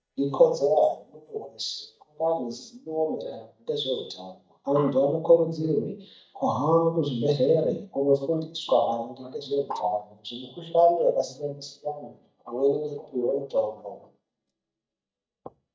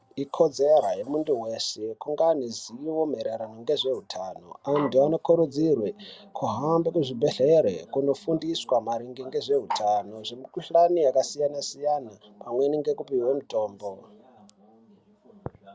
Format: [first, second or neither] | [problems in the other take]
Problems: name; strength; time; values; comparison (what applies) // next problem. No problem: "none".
second | noise reduction (neural mask model DeepFilterNet 3)